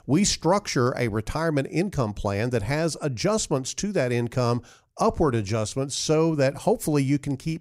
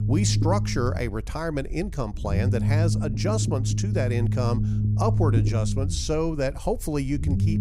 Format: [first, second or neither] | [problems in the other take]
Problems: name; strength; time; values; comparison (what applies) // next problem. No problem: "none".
first | low rumble; loud; throughout; 8 dB below the speech